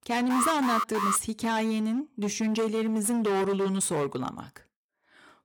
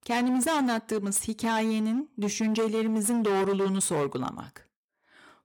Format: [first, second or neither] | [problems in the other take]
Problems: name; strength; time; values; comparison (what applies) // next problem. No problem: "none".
second | alarm; noticeable; at 0.5 s; peak level with the speech